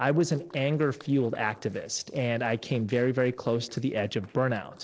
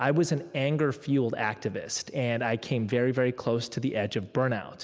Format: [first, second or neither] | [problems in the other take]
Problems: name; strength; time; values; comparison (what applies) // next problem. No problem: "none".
second | noise reduction (neural separator model SepFormer DNS4)